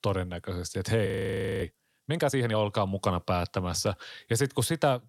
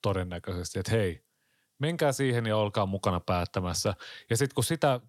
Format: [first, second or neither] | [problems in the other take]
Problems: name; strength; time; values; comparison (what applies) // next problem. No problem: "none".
second | audio freezing; at 1 s for 0.5 s